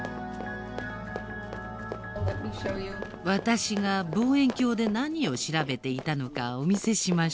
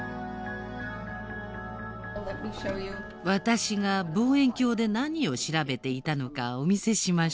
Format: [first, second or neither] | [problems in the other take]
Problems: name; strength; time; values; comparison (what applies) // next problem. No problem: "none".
second | background sound (Bowed string instrument + Run); 12 dB below the speech